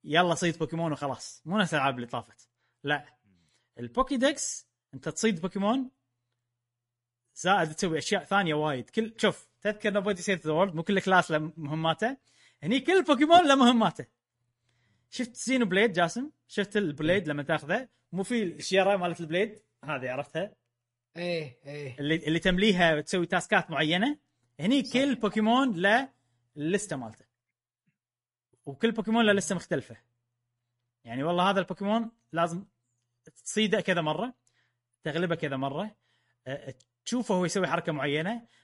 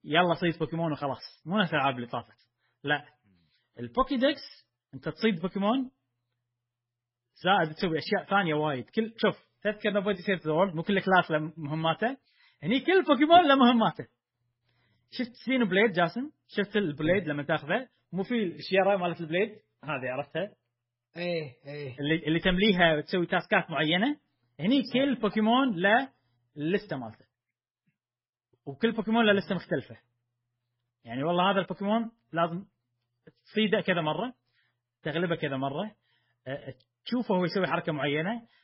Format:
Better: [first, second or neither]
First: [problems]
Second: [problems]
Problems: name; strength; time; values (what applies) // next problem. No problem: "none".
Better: first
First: garbled, watery; slightly; nothing above 11 kHz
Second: garbled, watery; badly; nothing above 5.5 kHz